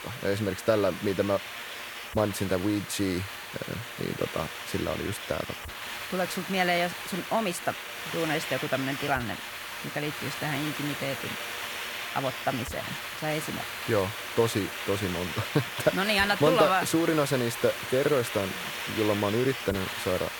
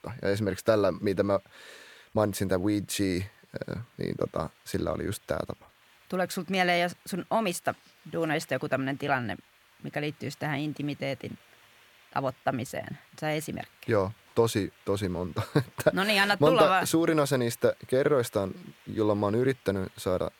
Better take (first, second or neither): second